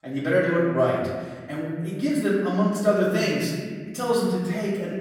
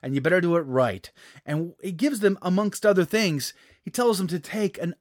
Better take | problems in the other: second | off-mic speech; far // room echo; noticeable; dies away in 1.6 s

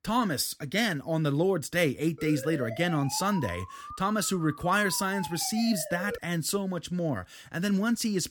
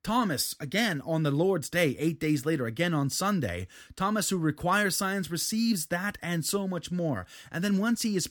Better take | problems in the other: second | siren; noticeable; from 2 to 6 s; peak 10 dB below the speech

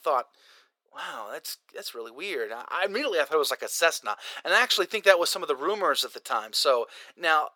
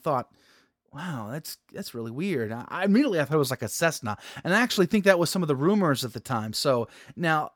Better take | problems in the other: second | thin; very; fading below 450 Hz

